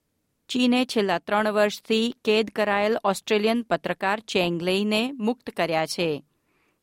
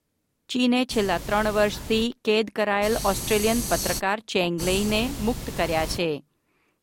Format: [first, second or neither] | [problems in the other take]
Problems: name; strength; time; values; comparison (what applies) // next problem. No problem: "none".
first | hiss; loud; from 1 to 2 s, from 3 to 4 s and from 4.5 to 6 s; 8 dB below the speech